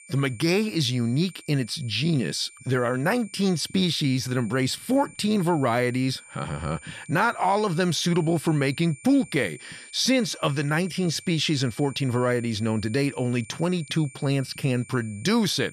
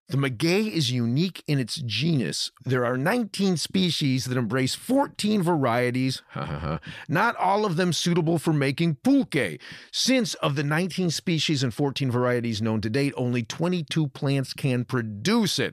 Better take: second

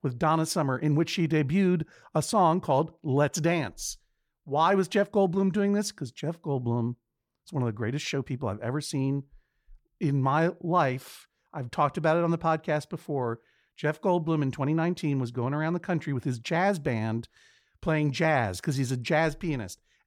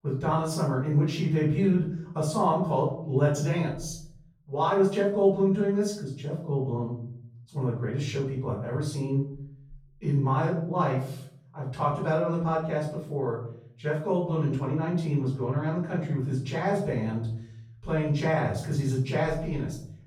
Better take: first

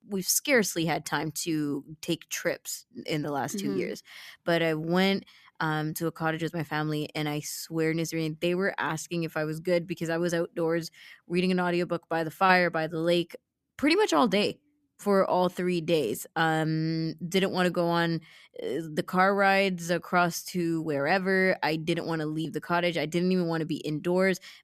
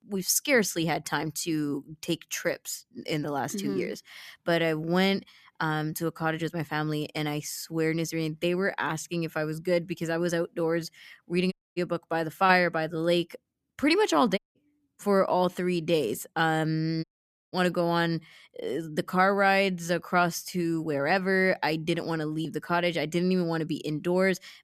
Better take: first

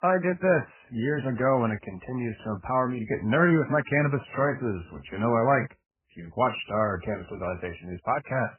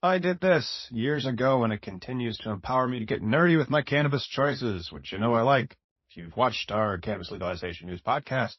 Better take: second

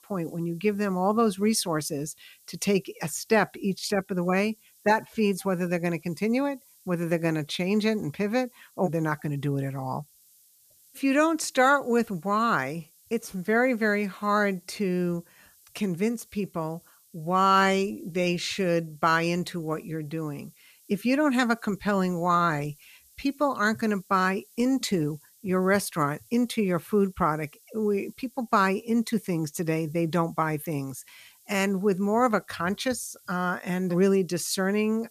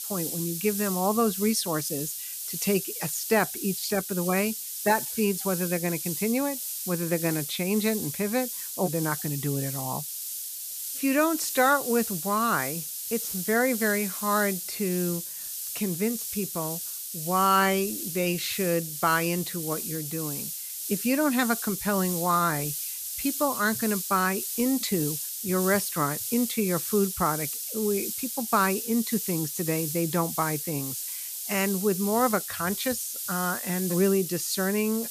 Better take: first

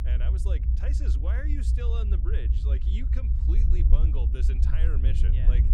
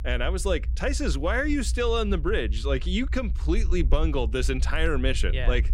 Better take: second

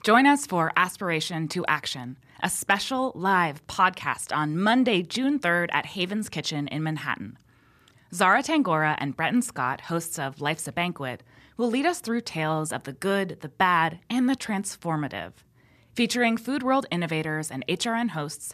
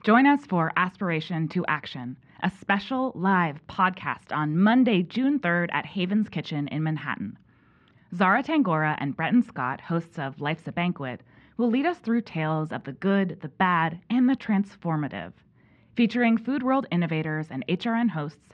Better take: first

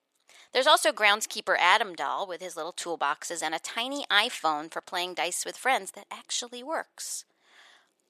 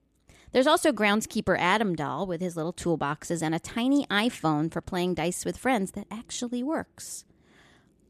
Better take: second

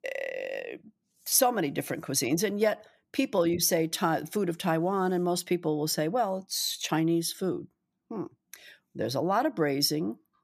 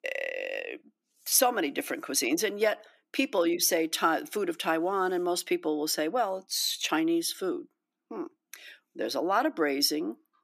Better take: first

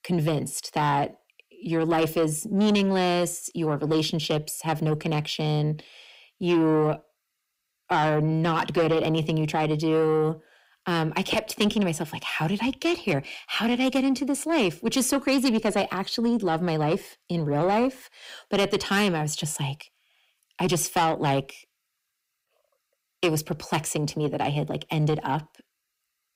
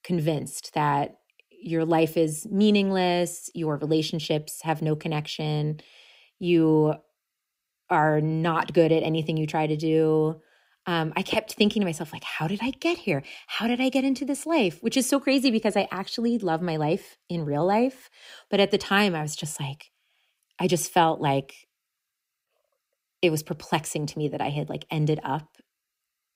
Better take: second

